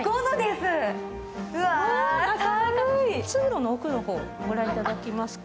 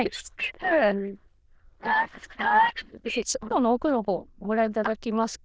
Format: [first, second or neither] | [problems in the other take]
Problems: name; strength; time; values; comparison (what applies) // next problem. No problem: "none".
first | noise reduction (neural diffusion model UNIVERSE++)